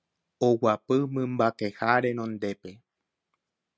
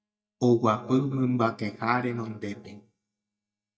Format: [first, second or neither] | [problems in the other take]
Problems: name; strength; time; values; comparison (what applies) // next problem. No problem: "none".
first | noise reduction (neural mask model DeepFilterNet 3)